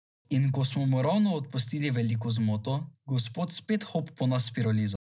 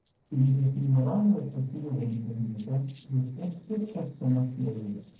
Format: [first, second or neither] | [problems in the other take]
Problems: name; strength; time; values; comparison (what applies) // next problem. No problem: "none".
first | noise reduction (neural separator model SepFormer DNS4)